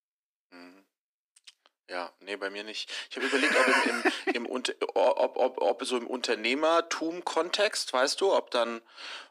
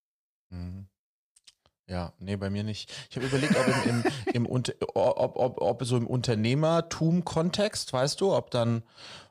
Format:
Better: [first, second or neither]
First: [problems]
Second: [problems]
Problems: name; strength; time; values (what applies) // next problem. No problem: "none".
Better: second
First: thin; somewhat; fading below 250 Hz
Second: none